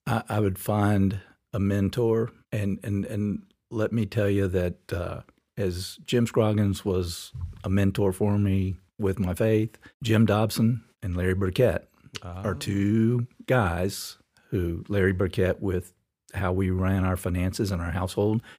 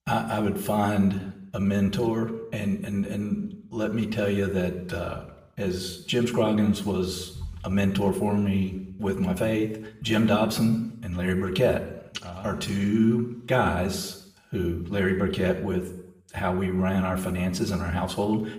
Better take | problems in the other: first | room echo; slight; dies away in 0.7 s // off-mic speech; far

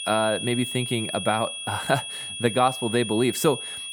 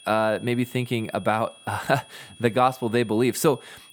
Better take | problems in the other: second | high-pitched whine; loud; throughout; 3.5 kHz, 6 dB below the speech; faint in the second

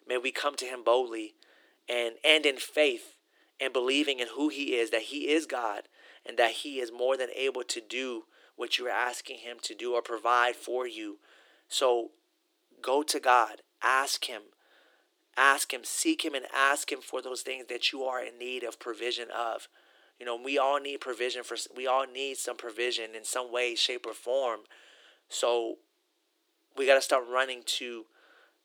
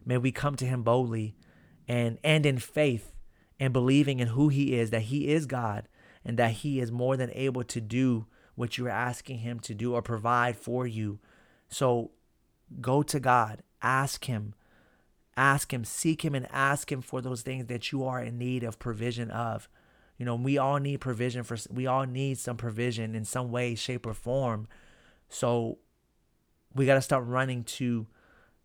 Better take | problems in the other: second | thin; very; fading below 300 Hz

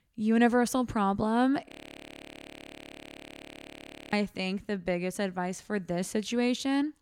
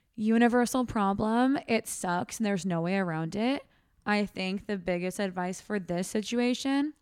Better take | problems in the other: second | audio freezing; at 1.5 s for 2.5 s

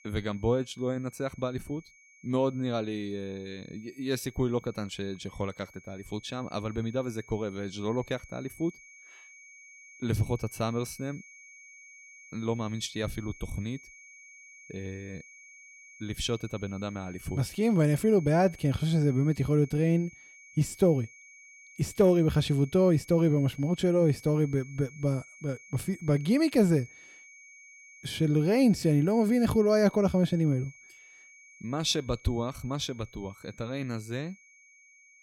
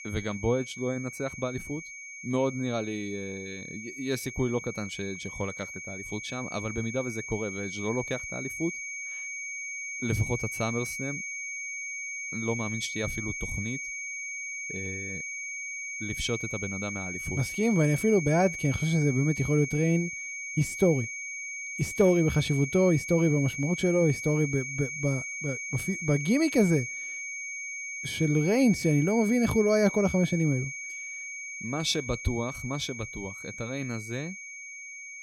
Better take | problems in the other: first | high-pitched whine; loud; throughout; 2.5 kHz, 7 dB below the speech; faint in the first

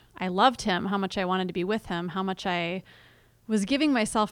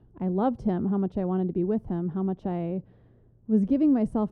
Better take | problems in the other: first | muffled; very; fading above 1 kHz

